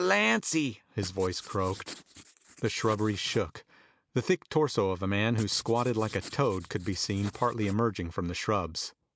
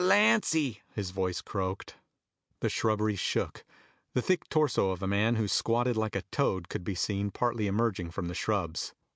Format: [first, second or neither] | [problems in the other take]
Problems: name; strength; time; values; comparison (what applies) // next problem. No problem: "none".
second | noise reduction (neural mask model Resemble Enhance denoiser)